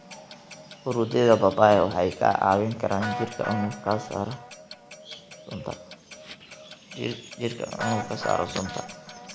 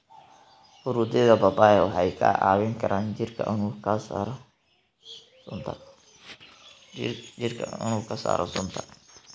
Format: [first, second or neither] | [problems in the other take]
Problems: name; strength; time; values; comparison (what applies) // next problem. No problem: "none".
second | background sound (Clock + Guitar); 12 dB below the speech